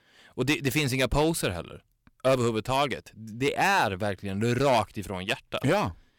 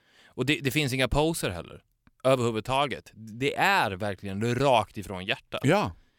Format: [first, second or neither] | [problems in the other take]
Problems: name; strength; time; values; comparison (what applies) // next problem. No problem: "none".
second | distortion; slight; 4% of the sound clipped